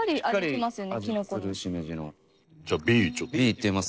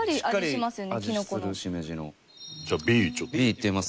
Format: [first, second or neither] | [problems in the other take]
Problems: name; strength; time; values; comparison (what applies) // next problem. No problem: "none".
second | noise reduction (neural separator model SepFormer DNS4)